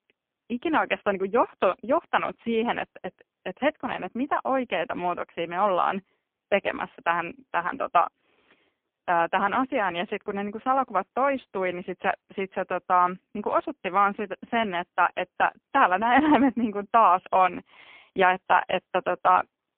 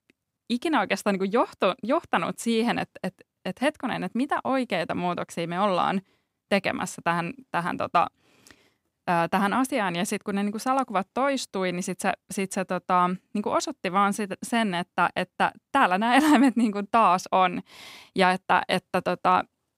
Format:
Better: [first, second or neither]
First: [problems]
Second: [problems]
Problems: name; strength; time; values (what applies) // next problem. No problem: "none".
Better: second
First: phone-call audio; poor line; nothing above 3 kHz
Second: none